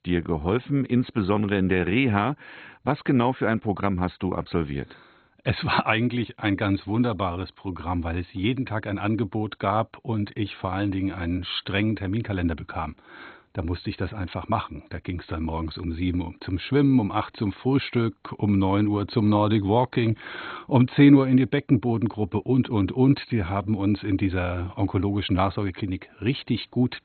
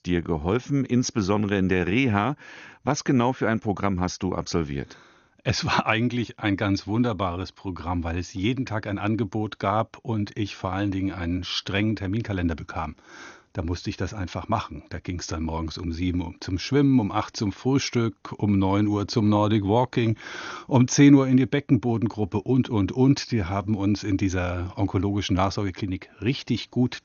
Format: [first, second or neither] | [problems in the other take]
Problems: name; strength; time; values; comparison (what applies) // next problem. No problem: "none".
second | garbled, watery; badly; nothing above 4 kHz; slightly in the second